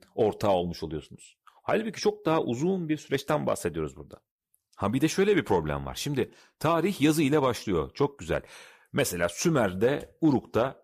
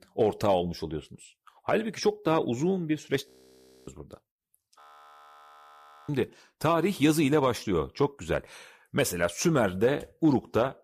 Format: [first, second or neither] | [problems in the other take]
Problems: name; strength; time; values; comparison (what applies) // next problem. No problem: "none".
first | audio freezing; at 3.5 s for 0.5 s and at 5 s for 1.5 s